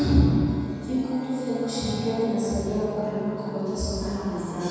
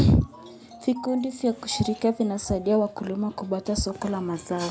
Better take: second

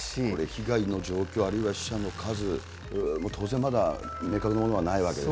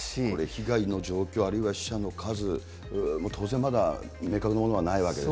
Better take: second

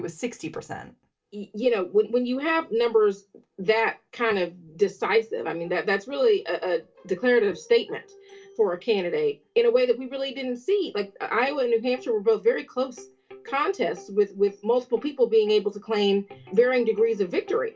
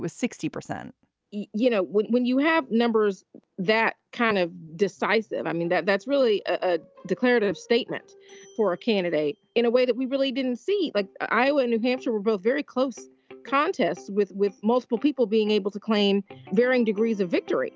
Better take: second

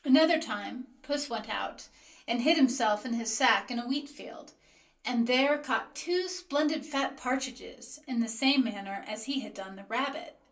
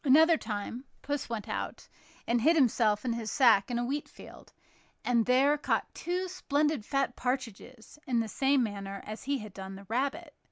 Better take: second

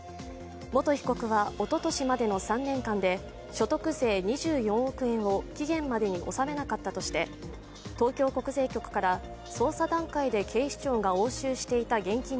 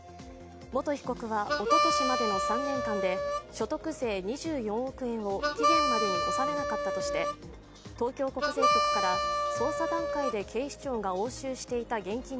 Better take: first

